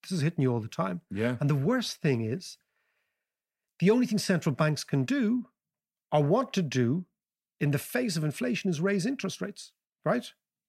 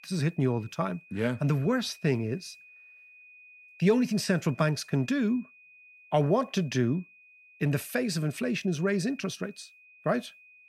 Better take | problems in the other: first | high-pitched whine; faint; throughout; 2.5 kHz, 25 dB below the speech

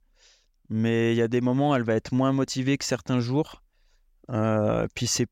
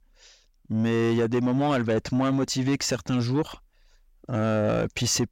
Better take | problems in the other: first | distortion; slight; 10 dB below the speech

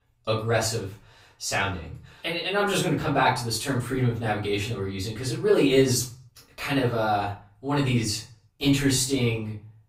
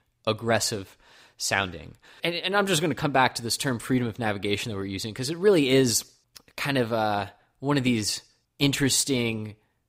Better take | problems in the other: second | off-mic speech; far // room echo; slight; dies away in 0.4 s

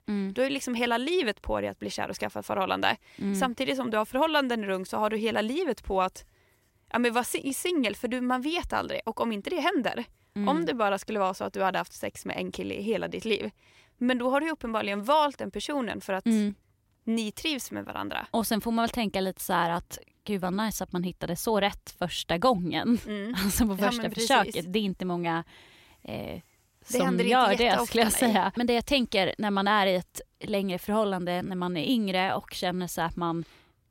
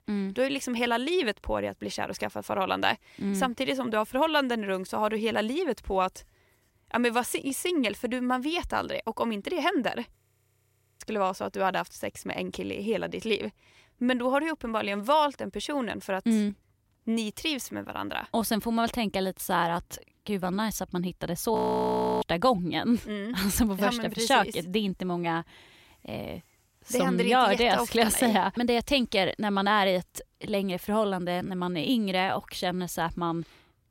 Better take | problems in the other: first | audio freezing; at 10 s for 1 s and at 22 s for 0.5 s

